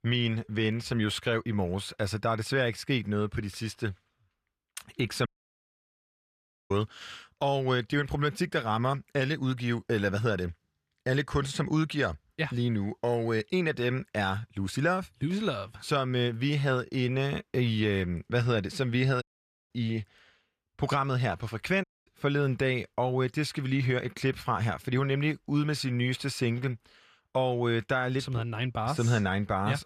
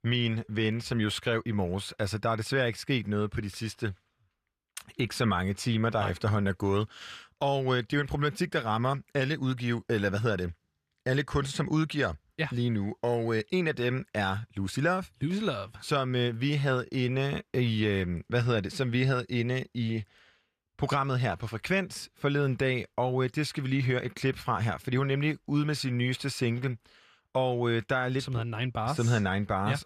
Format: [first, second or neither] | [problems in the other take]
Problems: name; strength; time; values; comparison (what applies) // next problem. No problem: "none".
second | audio cutting out; at 5.5 s for 1.5 s, at 19 s and at 22 s